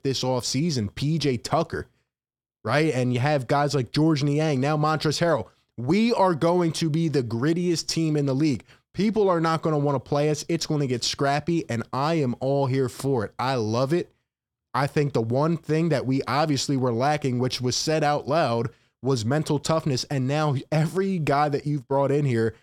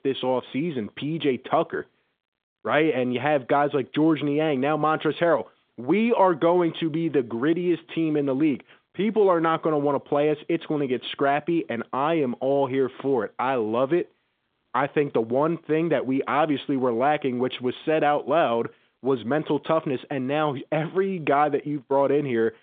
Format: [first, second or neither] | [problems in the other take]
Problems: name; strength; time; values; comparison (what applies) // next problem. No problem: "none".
first | phone-call audio